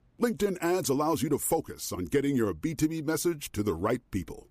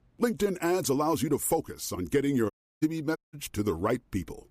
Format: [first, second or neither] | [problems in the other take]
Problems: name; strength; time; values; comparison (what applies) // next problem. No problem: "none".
first | audio cutting out; at 2.5 s and at 3 s